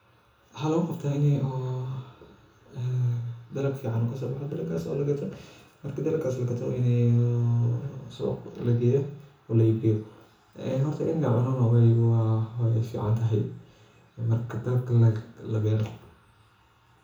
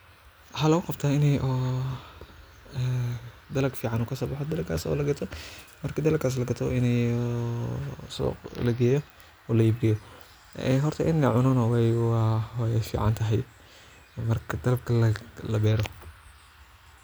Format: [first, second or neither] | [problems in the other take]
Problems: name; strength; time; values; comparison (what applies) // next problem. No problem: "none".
second | room echo; dies away in 0.7 s